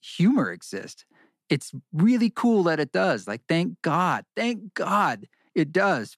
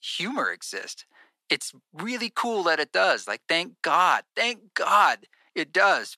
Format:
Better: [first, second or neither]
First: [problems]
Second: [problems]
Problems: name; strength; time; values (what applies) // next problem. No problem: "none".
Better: first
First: none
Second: thin; very; fading below 700 Hz